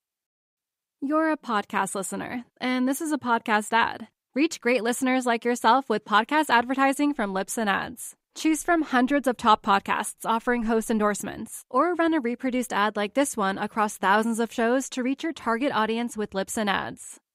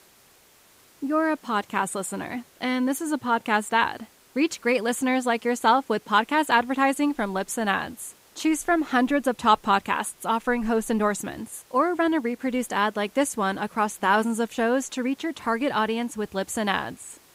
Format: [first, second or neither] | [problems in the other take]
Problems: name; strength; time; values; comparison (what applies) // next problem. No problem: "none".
first | hiss; faint; throughout; 30 dB below the speech